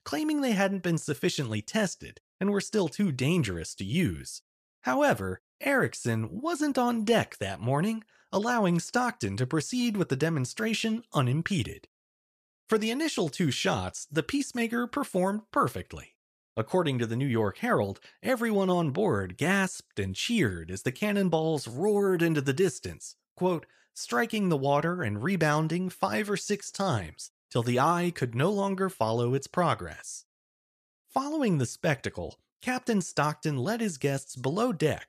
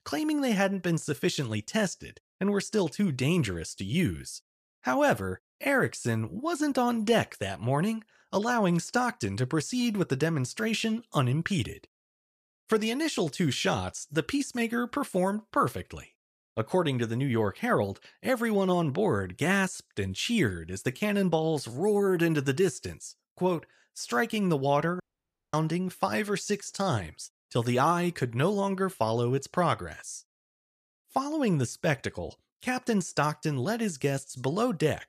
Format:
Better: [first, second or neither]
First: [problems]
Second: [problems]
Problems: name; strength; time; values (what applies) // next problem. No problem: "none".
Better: first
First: none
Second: audio cutting out; at 25 s for 0.5 s